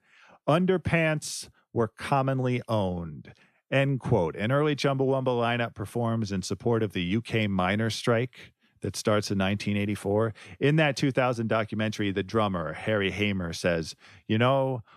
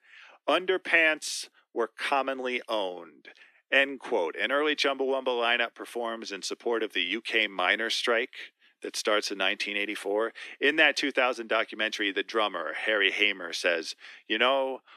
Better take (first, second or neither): first